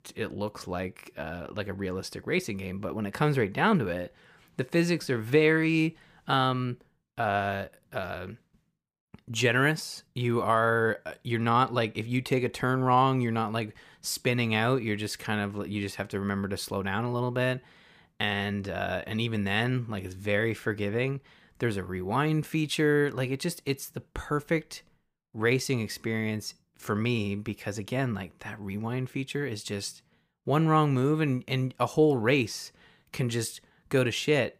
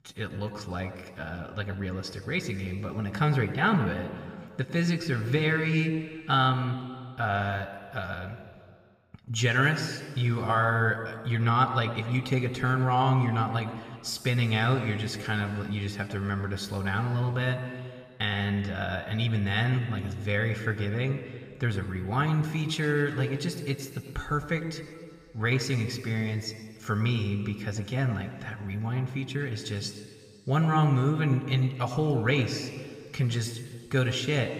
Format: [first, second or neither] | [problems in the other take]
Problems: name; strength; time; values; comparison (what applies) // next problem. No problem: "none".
first | room echo; slight; dies away in 2.2 s